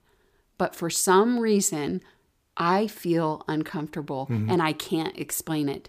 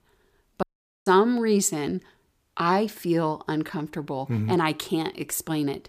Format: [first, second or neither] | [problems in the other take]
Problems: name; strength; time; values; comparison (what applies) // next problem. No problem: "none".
first | audio cutting out; at 0.5 s